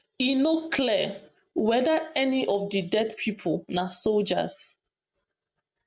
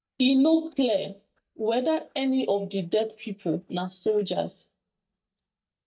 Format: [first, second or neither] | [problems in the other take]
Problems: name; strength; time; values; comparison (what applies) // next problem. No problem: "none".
first | noise reduction (neural mask model DeepFilterNet 3)